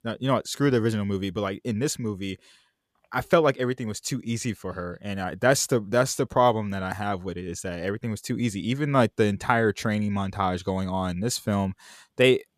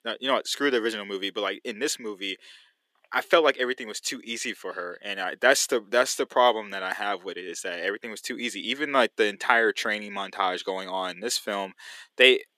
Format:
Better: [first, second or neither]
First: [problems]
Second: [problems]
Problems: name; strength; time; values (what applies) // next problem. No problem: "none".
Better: first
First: none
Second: thin; somewhat; fading below 300 Hz